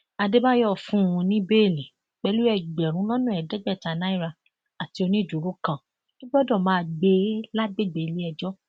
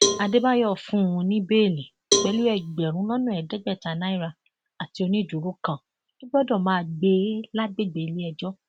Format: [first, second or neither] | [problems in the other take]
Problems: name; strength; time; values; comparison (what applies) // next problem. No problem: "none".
first | background sound (Cowbell); 5 dB below the speech